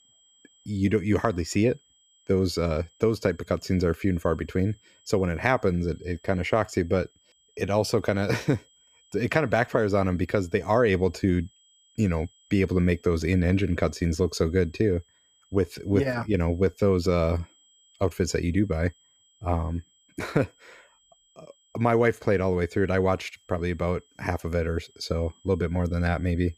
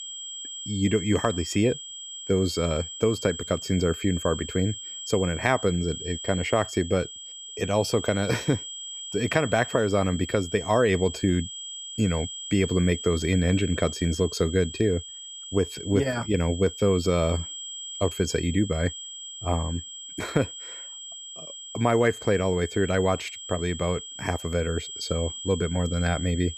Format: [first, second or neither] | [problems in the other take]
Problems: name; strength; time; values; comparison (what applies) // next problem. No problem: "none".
first | high-pitched whine; loud; throughout; 3 kHz, 10 dB below the speech; faint in the first